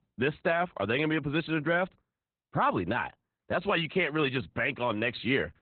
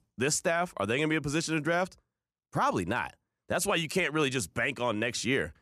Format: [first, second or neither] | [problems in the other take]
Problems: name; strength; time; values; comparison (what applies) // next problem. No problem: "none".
second | garbled, watery; badly; nothing above 4 kHz